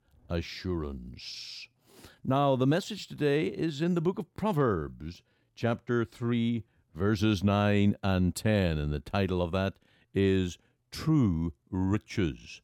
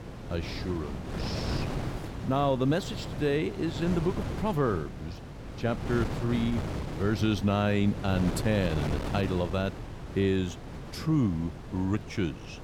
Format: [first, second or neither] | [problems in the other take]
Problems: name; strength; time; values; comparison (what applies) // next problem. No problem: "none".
first | wind noise on the microphone; heavy; 8 dB below the speech